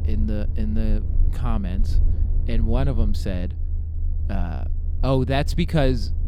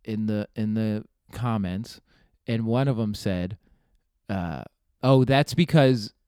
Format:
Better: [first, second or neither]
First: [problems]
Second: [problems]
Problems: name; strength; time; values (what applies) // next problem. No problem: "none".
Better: second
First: low rumble; noticeable; throughout; 15 dB below the speech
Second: none